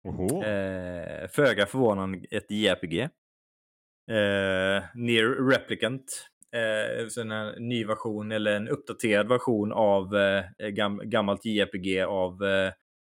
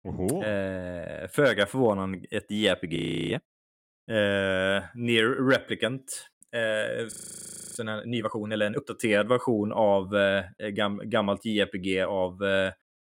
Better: first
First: none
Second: audio freezing; at 3 s and at 7 s for 0.5 s

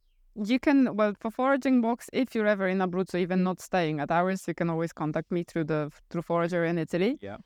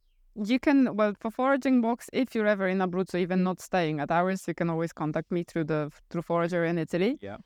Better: neither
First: none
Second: none

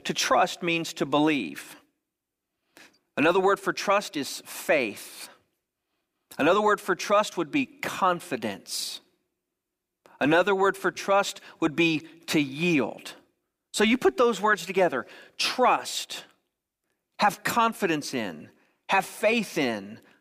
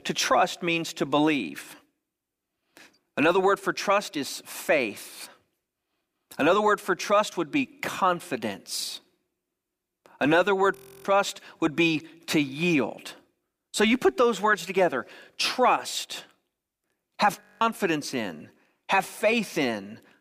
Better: first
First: none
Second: audio freezing; at 11 s and at 17 s

